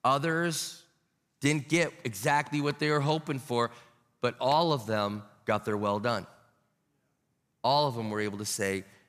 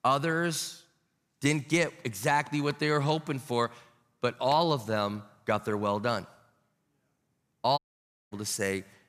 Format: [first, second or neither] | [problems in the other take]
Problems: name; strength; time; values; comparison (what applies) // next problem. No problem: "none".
first | audio cutting out; at 8 s for 0.5 s